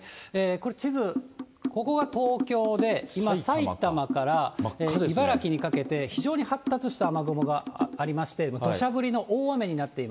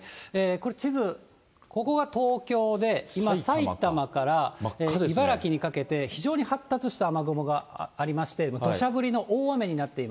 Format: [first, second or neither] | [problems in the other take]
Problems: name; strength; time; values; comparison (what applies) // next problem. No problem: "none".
second | background sound (Drum); 7 dB below the speech